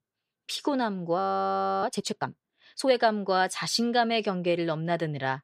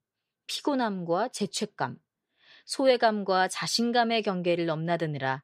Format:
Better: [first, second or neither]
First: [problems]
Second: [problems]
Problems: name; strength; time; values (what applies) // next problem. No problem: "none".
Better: second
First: audio freezing; at 1 s for 0.5 s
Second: none